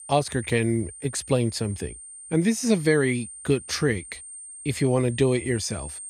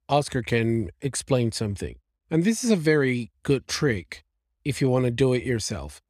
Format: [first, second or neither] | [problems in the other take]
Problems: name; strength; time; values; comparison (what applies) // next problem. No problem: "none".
second | high-pitched whine; noticeable; throughout; 8.5 kHz, 15 dB below the speech